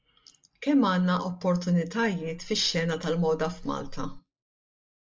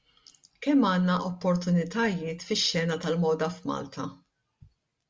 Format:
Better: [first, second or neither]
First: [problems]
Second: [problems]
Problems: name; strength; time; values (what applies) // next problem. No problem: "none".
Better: second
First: noise reduction (neural mask model Resemble Enhance denoiser)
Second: none